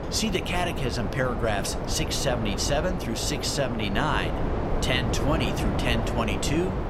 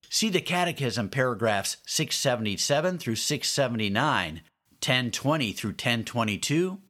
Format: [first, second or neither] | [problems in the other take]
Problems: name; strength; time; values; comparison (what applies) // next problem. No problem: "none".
second | wind noise on the microphone; heavy; 4 dB below the speech